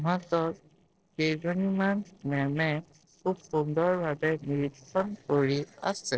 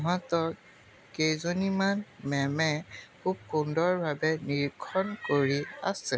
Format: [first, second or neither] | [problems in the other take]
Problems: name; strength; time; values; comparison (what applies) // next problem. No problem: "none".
second | noise reduction (neural separator model SepFormer DNS4)